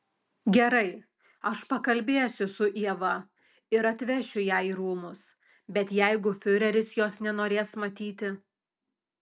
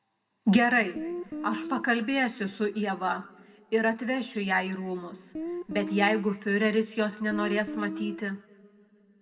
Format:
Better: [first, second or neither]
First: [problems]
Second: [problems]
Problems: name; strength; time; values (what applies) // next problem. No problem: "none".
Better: first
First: none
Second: background sound (Guitar); 7 dB below the speech // room echo; dies away in 1.7 s